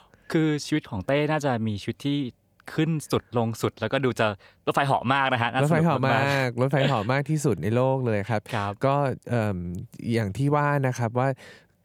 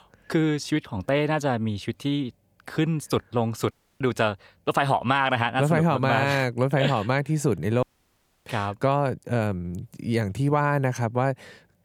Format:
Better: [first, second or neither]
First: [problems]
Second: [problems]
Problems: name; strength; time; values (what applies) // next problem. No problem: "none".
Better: first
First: none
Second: audio cutting out; at 3.5 s and at 8 s for 0.5 s